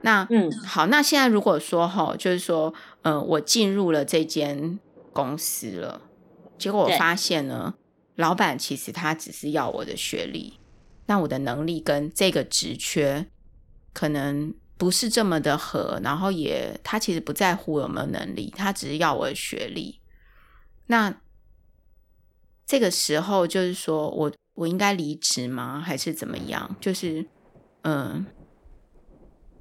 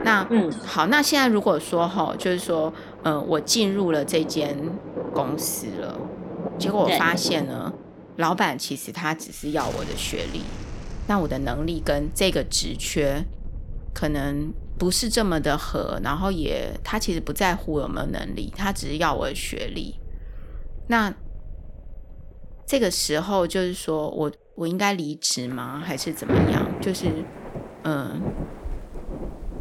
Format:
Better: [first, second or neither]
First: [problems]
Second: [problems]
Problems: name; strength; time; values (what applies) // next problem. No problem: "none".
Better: first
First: rain or running water; faint; throughout; 30 dB below the speech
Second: rain or running water; loud; throughout; 9 dB below the speech